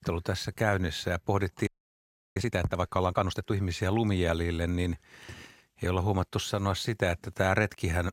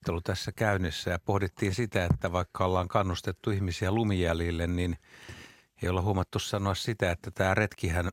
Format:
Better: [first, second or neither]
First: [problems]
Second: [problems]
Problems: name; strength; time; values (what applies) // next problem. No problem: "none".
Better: second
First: audio freezing; at 1.5 s for 0.5 s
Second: none